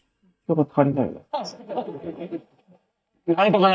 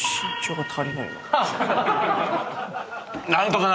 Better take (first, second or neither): second